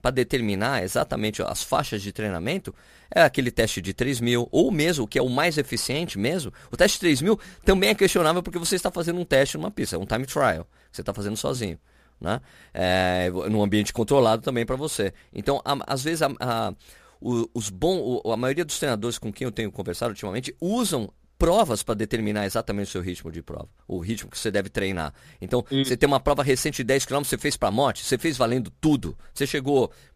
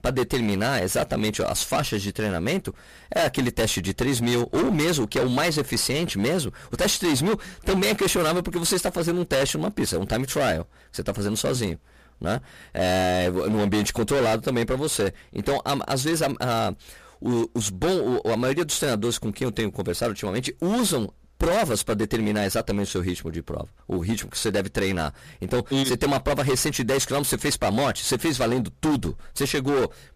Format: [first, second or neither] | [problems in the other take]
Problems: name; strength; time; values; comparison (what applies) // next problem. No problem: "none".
first | distortion; heavy; 16% of the sound clipped